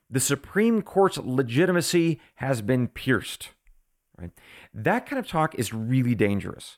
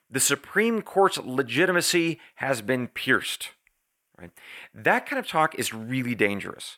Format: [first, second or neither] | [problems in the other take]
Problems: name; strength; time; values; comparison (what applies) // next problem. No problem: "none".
first | thin; somewhat; fading below 1 kHz